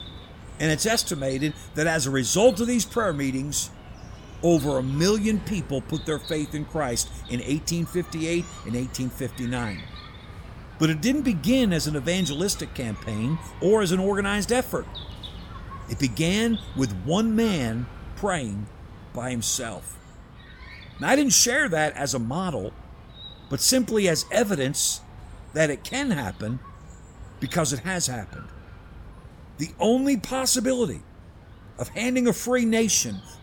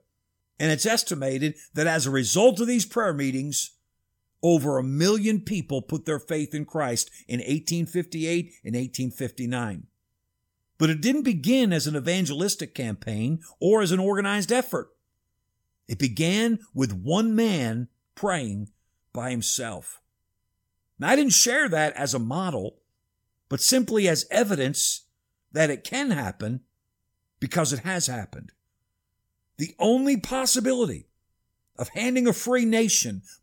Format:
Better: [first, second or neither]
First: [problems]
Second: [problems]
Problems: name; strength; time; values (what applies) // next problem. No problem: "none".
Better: second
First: animal sounds; noticeable; throughout; 20 dB below the speech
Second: none